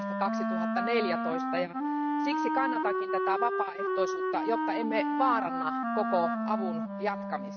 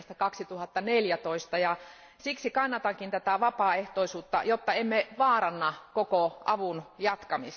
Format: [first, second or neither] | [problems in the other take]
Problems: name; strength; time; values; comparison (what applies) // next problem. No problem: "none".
second | noise reduction (neural mask model RNNoise)